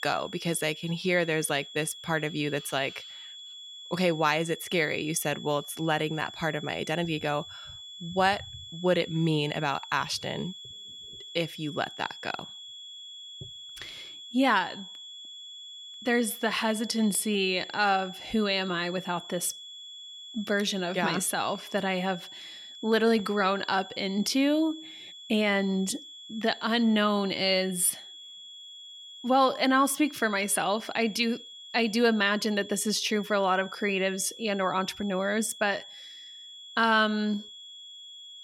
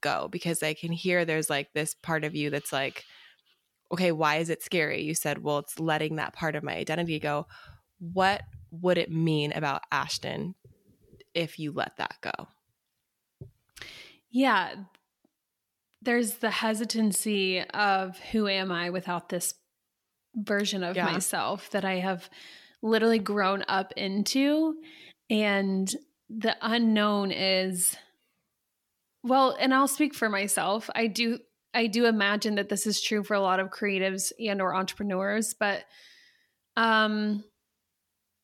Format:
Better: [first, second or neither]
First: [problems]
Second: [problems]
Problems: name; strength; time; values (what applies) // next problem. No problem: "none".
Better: second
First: high-pitched whine; noticeable; throughout; 3.5 kHz, 15 dB below the speech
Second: none